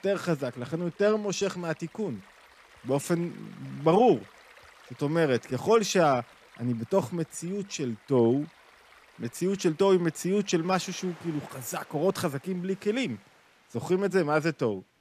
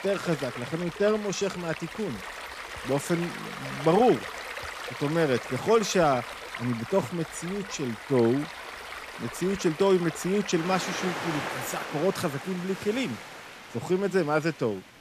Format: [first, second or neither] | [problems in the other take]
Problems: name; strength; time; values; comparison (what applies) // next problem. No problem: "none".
first | rain or running water; loud; throughout; 9 dB below the speech; faint in the first